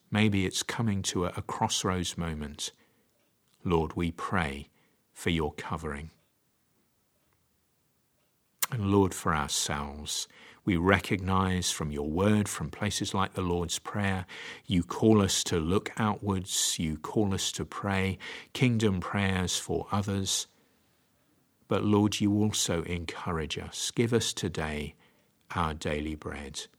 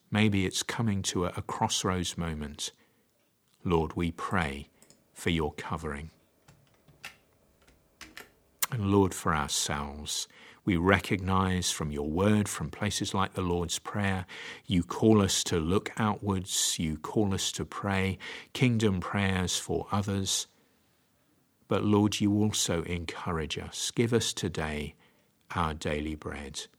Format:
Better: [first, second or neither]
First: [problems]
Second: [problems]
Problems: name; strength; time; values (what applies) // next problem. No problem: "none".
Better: first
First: none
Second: keyboard typing; faint; from 4.5 to 8.5 s; peak 20 dB below the speech